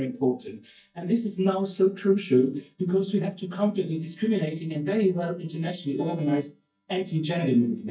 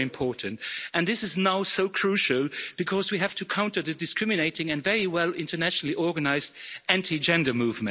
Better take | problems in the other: second | noise reduction (neural mask model DeepFilterNet 3)

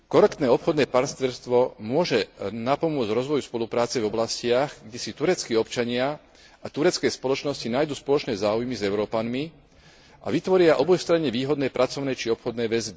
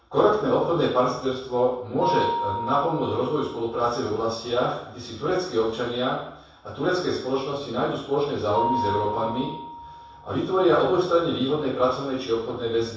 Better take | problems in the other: first | background sound (Mallet percussion); 10 dB below the speech // room echo; dies away in 0.7 s

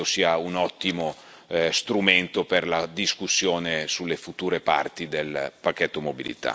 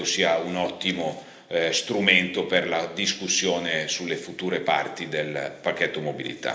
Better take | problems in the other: first | room echo; dies away in 0.8 s

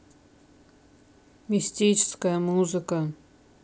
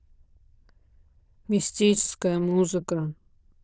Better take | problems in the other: first | noise reduction (neural diffusion model UNIVERSE++)

